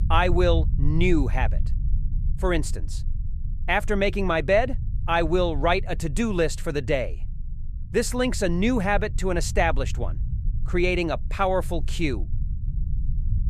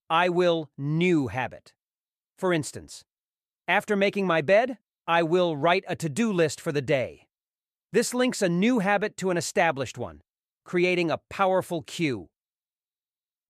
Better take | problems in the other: second | low rumble; faint; throughout; 25 dB below the speech

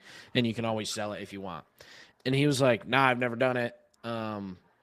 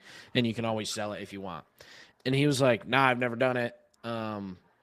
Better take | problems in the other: neither | garbled, watery; slightly; nothing above 14.5 kHz; the same in both

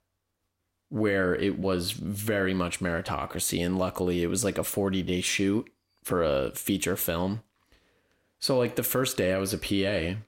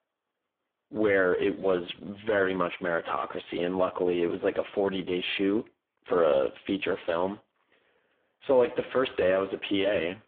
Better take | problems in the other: first | phone-call audio; poor line

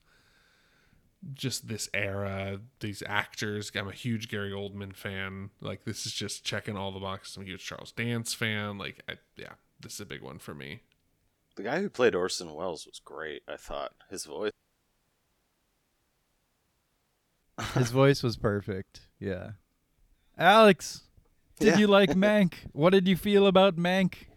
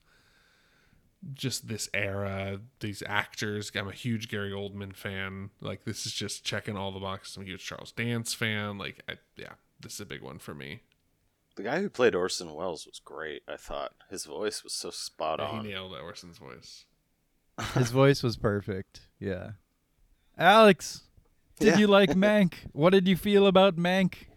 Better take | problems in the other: second | audio cutting out; at 15 s for 3 s

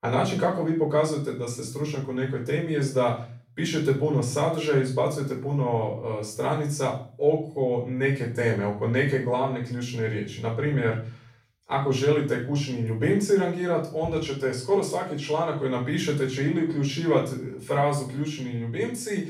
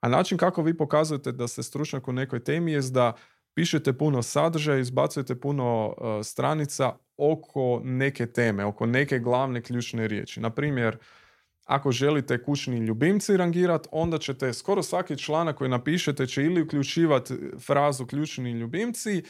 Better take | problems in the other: second | off-mic speech; far // room echo; slight; dies away in 0.4 s

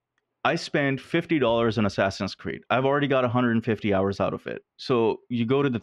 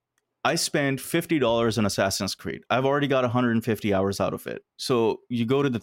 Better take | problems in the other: second | muffled; slightly; fading above 3 kHz

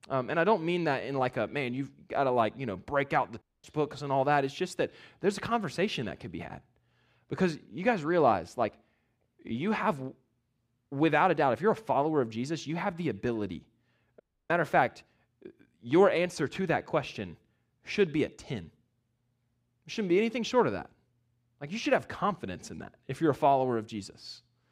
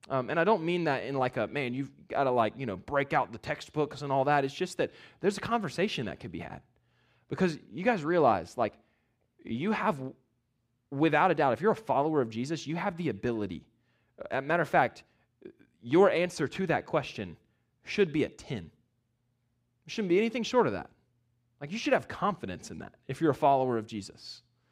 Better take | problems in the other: second | audio cutting out; at 3.5 s and at 14 s

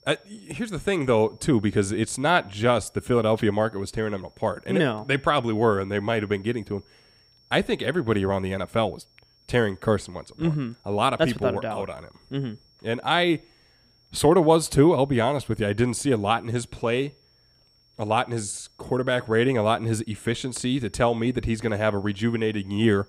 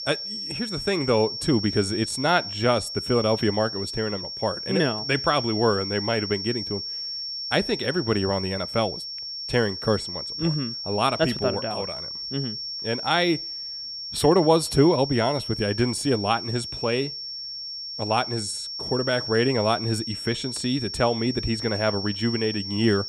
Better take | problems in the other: first | high-pitched whine; loud; throughout; 5.5 kHz, 6 dB below the speech; faint in the first

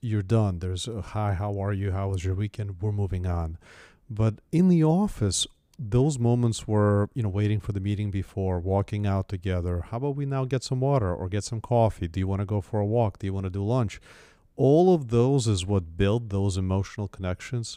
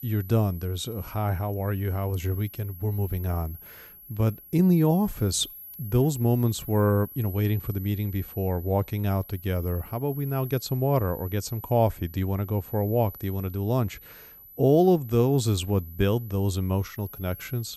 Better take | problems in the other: first | high-pitched whine; noticeable; throughout; 11.5 kHz, 15 dB below the speech

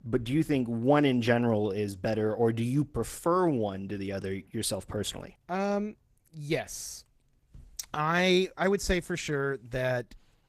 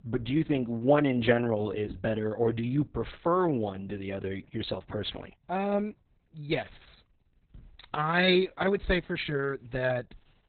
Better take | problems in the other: first | garbled, watery; badly; nothing above 4 kHz; slightly in the first

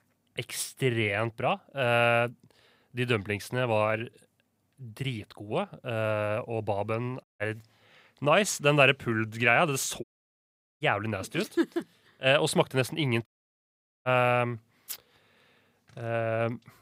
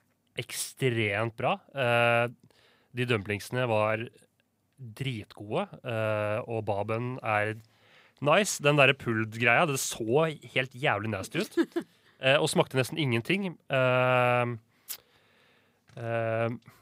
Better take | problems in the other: second | audio cutting out; at 7 s, at 10 s for 1 s and at 13 s for 1 s

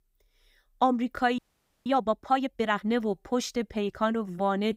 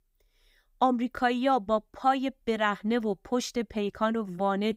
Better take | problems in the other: second | audio freezing; at 1.5 s

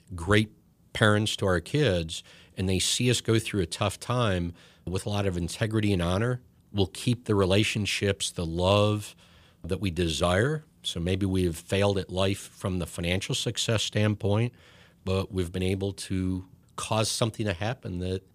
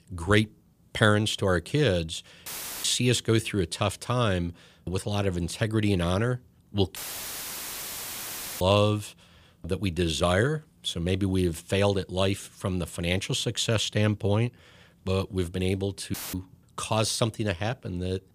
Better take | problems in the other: first | audio cutting out; filled with static; at 2.5 s, at 7 s for 1.5 s and at 16 s

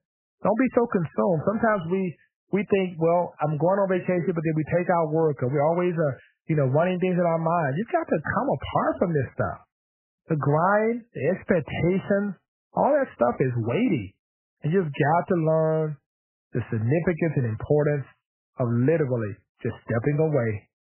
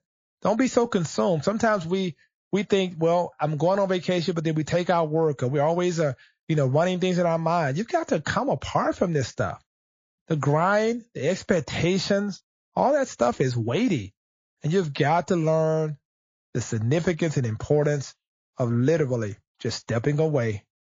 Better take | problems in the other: second | garbled, watery; badly; nothing above 3 kHz; slightly in the second

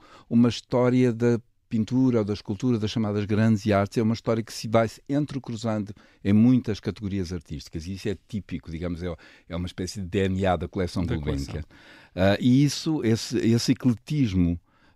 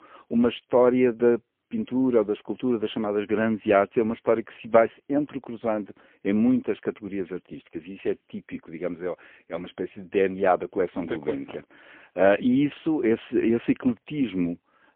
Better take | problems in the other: first | phone-call audio; poor line; nothing above 3 kHz

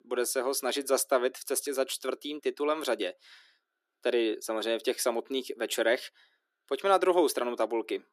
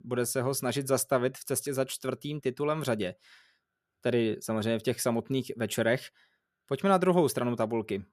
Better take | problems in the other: second | thin; somewhat; fading below 300 Hz

